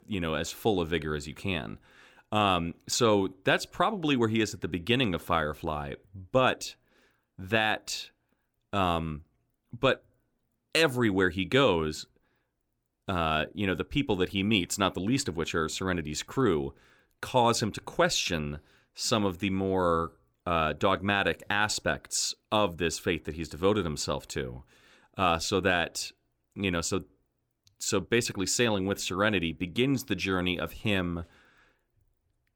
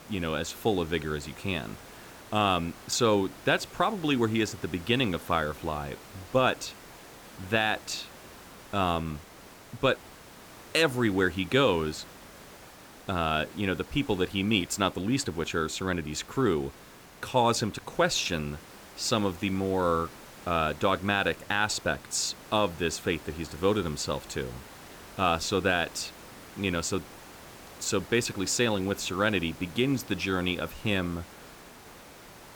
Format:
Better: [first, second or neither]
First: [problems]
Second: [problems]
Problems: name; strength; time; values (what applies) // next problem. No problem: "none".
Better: first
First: none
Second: hiss; noticeable; throughout; 20 dB below the speech